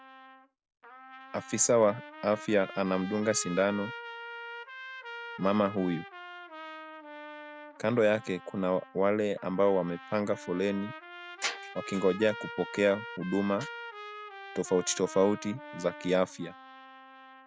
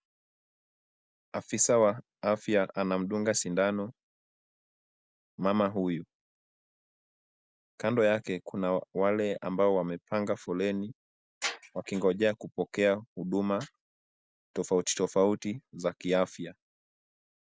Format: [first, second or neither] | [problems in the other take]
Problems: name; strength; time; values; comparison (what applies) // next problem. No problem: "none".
second | background sound (Trumpet); 14 dB below the speech